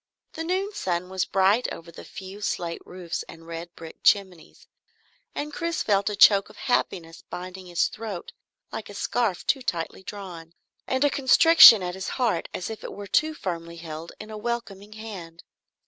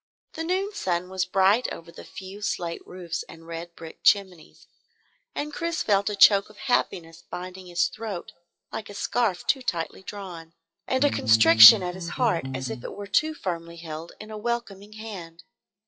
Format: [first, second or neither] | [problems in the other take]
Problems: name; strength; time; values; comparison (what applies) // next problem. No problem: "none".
first | noise reduction (classical method WPE with log-MMSE)